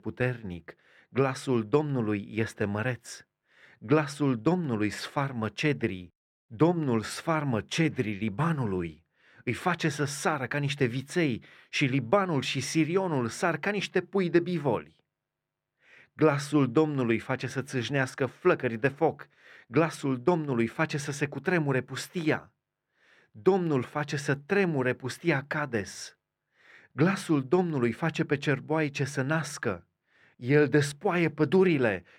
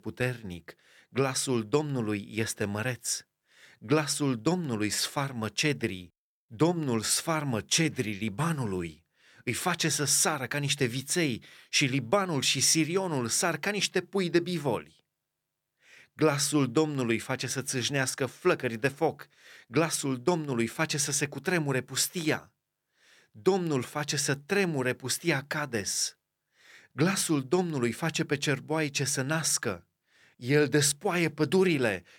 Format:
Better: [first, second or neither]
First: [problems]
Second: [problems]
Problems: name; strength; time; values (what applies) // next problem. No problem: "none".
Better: second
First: muffled; slightly; fading above 3.5 kHz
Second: none